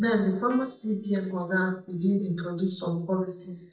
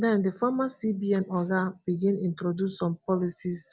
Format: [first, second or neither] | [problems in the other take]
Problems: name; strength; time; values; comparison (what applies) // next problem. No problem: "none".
second | noise reduction (neural mask model DeepFilterNet 3)